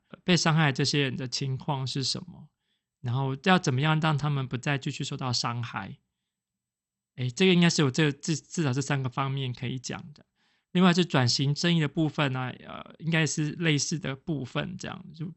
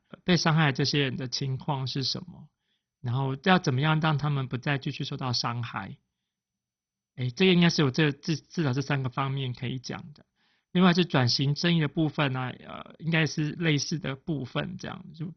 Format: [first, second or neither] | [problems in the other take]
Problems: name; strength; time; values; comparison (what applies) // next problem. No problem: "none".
first | garbled, watery; badly; nothing above 6 kHz; slightly in the first